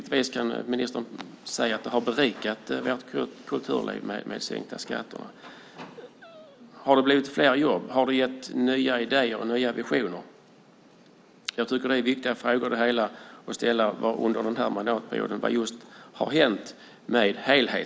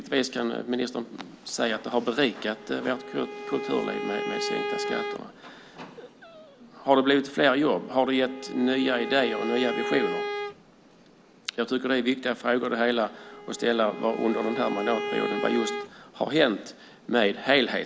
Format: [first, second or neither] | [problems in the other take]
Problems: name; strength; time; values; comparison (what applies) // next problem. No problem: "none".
first | background sound (Bowed string instrument); 9 dB below the speech